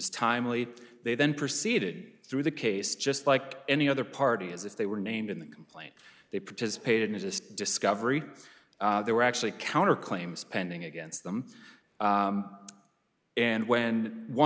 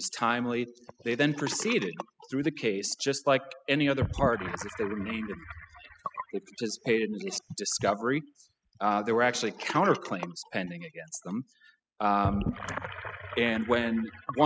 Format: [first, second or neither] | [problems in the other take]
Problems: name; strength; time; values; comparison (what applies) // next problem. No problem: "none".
first | noise reduction (classical method spectral subtraction)